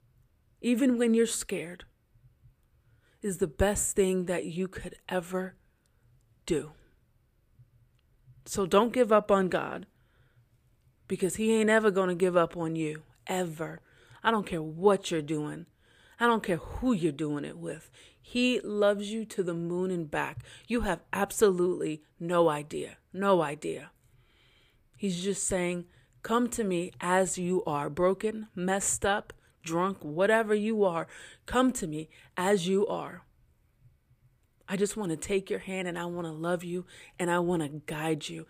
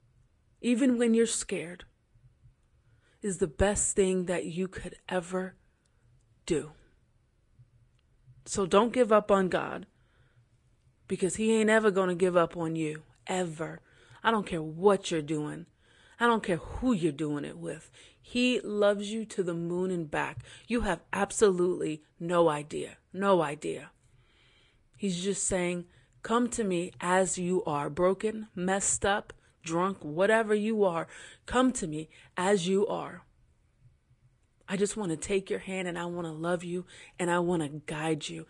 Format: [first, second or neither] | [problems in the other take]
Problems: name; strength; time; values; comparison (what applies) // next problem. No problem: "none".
first | garbled, watery; slightly